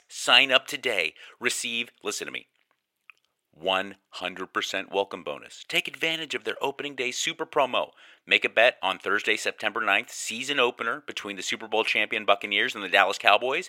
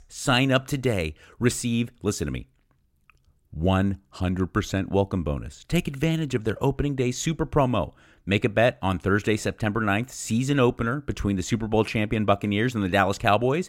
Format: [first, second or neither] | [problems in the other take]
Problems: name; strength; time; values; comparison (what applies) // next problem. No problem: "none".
second | thin; very; fading below 600 Hz